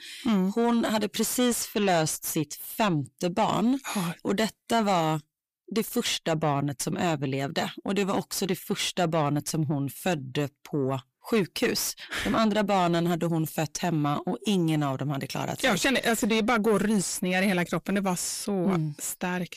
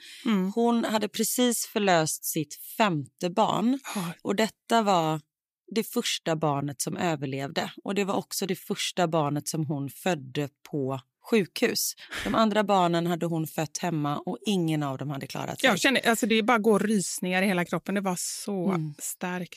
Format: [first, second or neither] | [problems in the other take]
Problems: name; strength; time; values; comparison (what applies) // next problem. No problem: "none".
second | distortion; slight; 10 dB below the speech